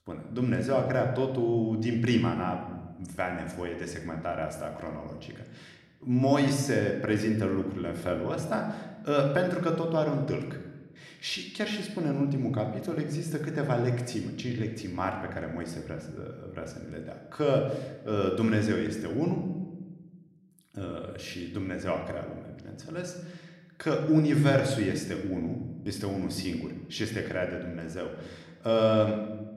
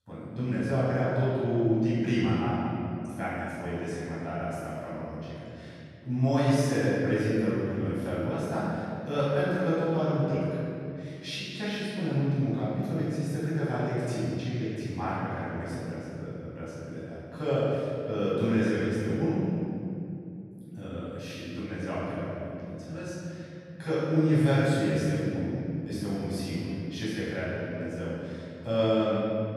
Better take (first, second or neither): first